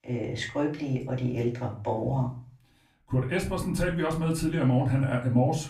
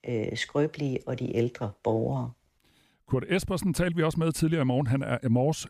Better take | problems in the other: second | off-mic speech; far // room echo; very slight; dies away in 0.3 s

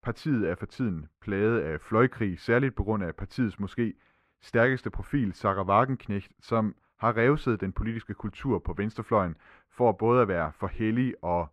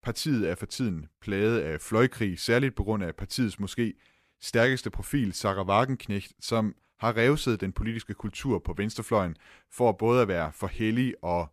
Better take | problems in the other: second | muffled; very; fading above 3.5 kHz

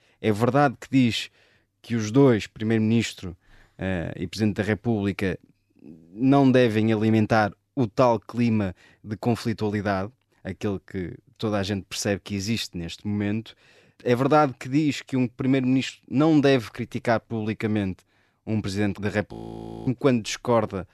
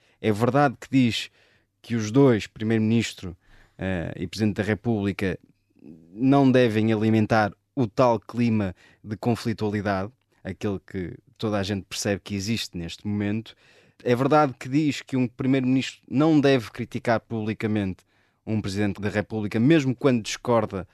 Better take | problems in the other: second | audio freezing; at 19 s for 0.5 s

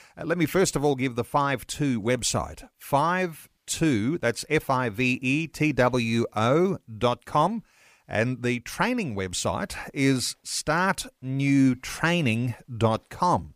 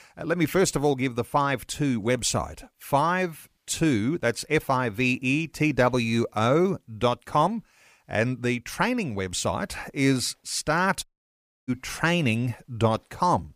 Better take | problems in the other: first | audio cutting out; at 11 s for 0.5 s

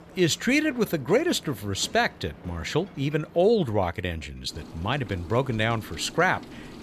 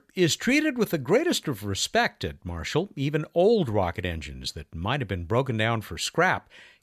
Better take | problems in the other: second | rain or running water; noticeable; throughout; 20 dB below the speech

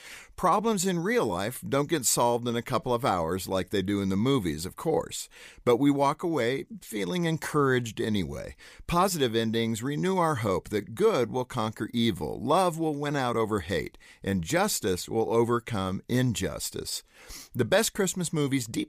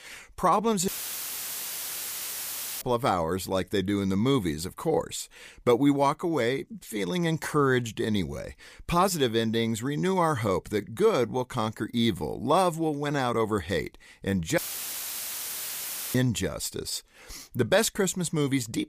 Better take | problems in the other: first | audio cutting out; filled with static; at 1 s for 2 s and at 15 s for 1.5 s

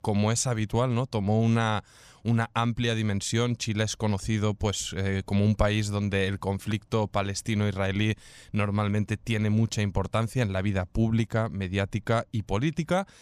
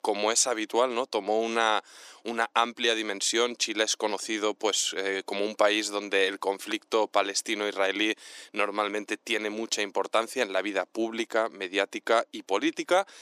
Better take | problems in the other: first | thin; very; fading below 300 Hz

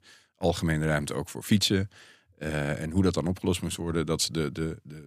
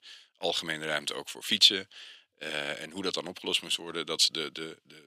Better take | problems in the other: first | thin; somewhat; fading below 400 Hz

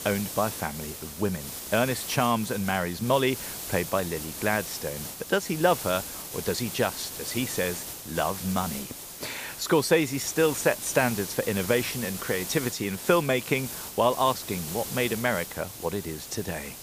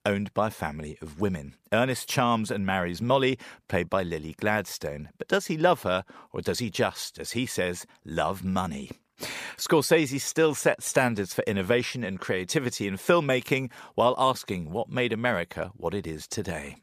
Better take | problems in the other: second | hiss; loud; throughout; 8 dB below the speech

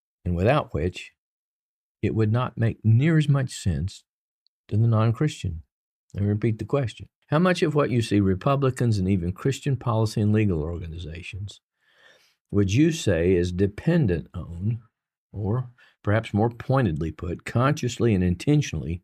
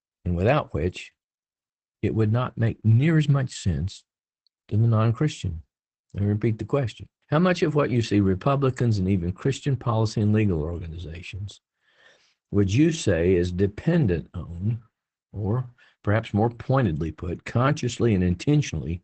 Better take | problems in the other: first | garbled, watery; badly; nothing above 8 kHz

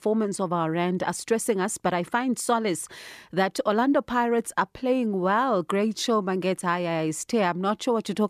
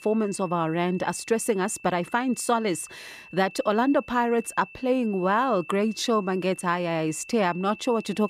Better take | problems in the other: first | high-pitched whine; noticeable; throughout; 2.5 kHz, 20 dB below the speech

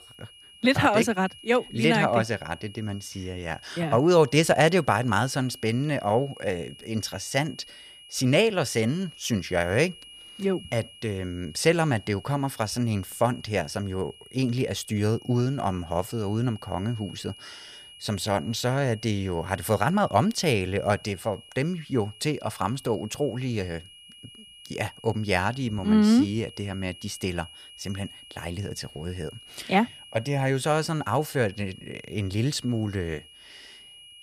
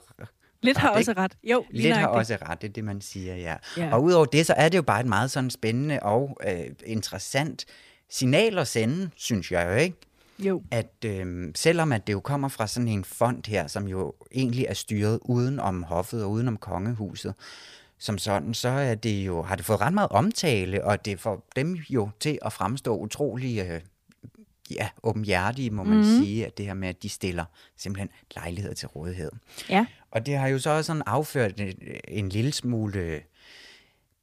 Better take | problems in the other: second | high-pitched whine; noticeable; throughout; 3 kHz, 20 dB below the speech

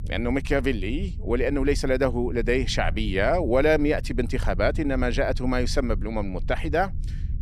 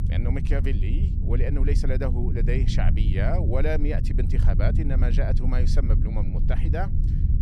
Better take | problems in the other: first | low rumble; loud; throughout; 6 dB below the speech; faint in the first

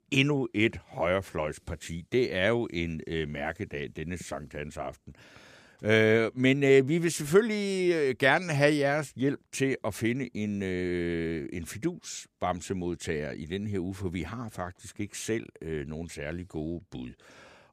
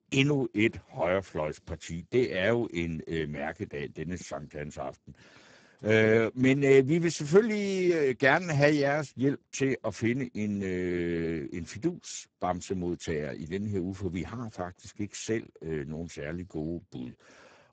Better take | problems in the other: first | garbled, watery; badly; nothing above 7.5 kHz

